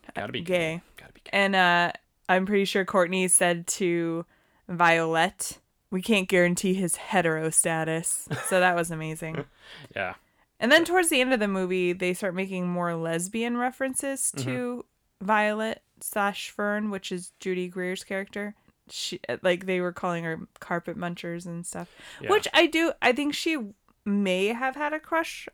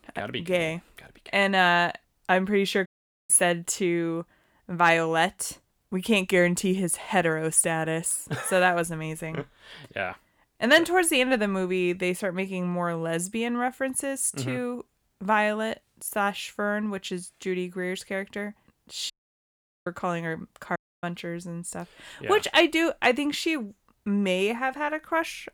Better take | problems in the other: first | audio cutting out; at 3 s, at 19 s for 1 s and at 21 s

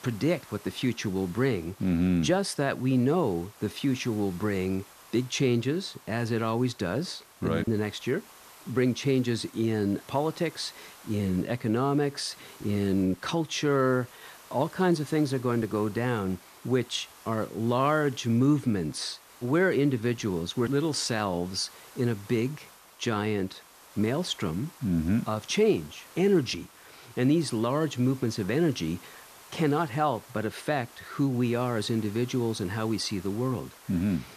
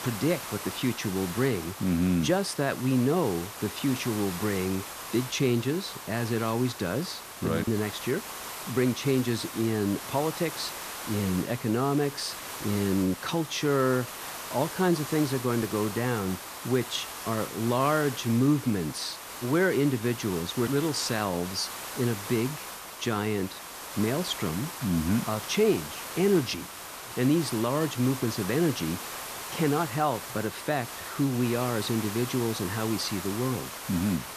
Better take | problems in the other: first | hiss; loud; throughout; 9 dB below the speech; faint in the first

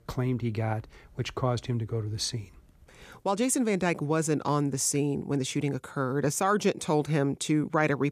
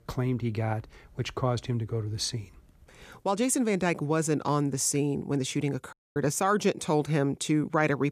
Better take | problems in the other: first | audio cutting out; at 6 s

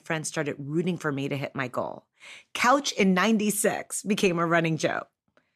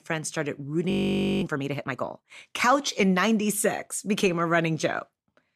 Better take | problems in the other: first | audio freezing; at 1 s for 0.5 s

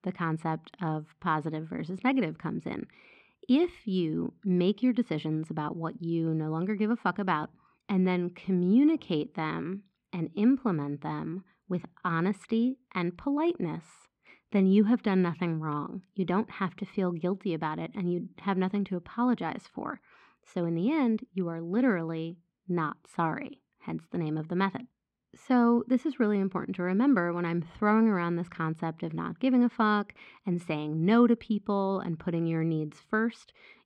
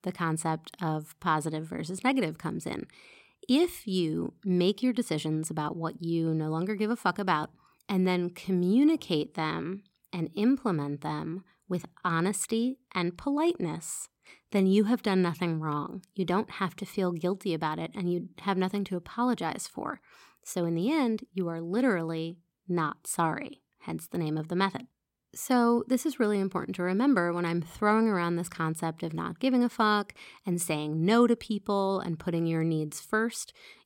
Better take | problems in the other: second | muffled; slightly; fading above 2.5 kHz

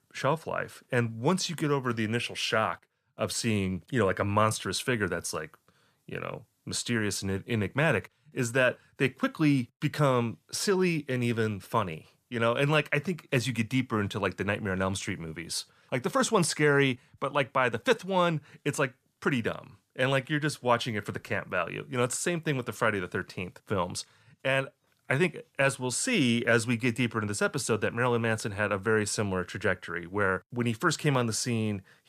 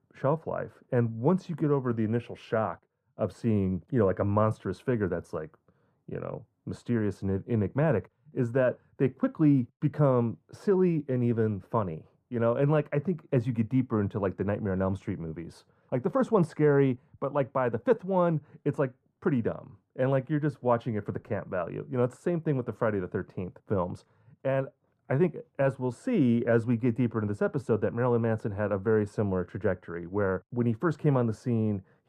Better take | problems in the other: first | muffled; very; fading above 1.5 kHz

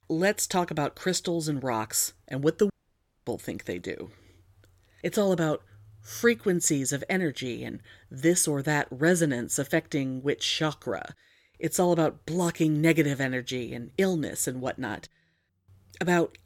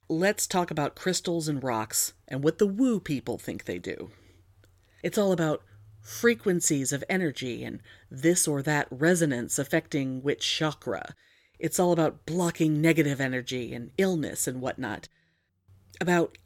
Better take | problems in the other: second | audio cutting out; at 2.5 s for 0.5 s

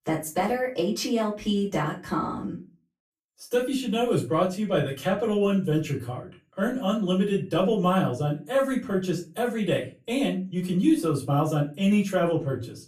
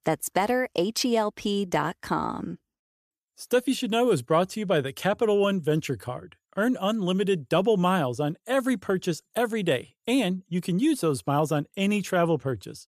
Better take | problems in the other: second | off-mic speech; far // room echo; very slight; dies away in 0.3 s

